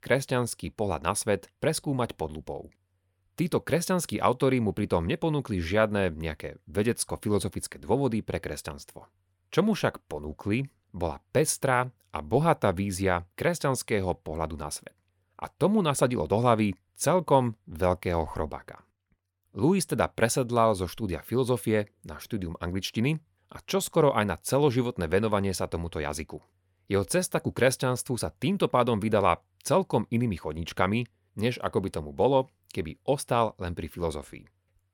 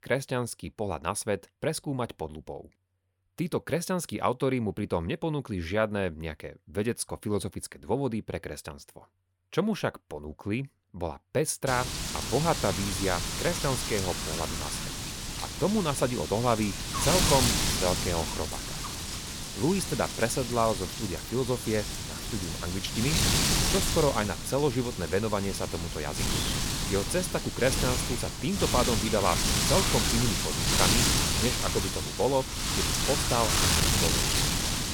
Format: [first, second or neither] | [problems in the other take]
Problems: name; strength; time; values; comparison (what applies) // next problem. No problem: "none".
first | wind noise on the microphone; heavy; from 12 s on; 1 dB above the speech